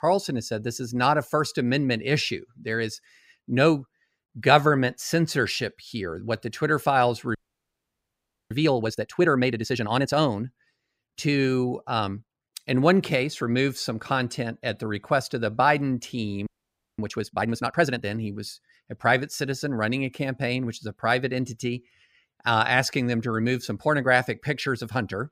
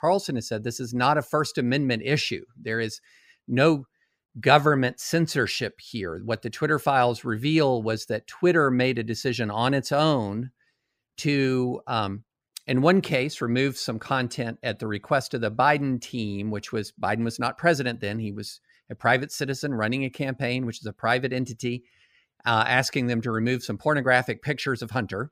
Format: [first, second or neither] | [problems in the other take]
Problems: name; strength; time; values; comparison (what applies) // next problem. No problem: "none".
second | audio freezing; at 7.5 s for 1 s and at 16 s for 0.5 s